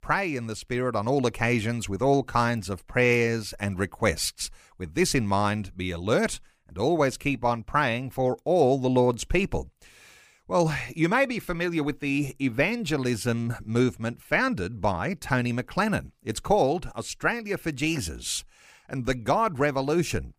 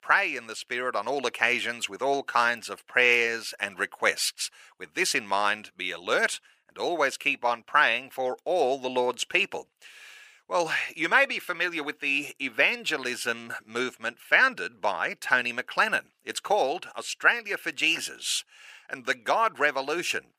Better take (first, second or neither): first